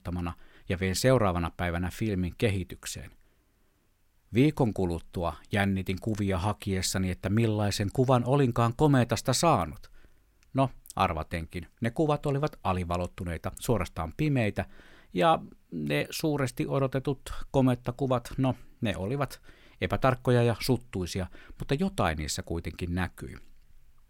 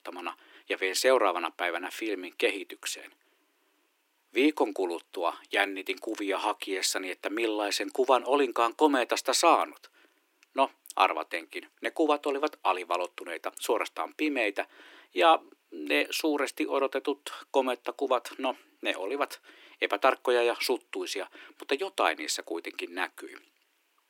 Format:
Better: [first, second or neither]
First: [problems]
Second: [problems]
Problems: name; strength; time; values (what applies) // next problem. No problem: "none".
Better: first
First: none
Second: thin; somewhat; fading below 300 Hz